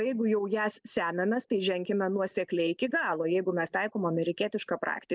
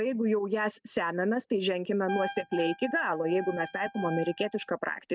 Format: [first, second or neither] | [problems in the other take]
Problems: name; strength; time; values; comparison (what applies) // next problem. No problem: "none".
first | noise reduction (neural mask model RNNoise)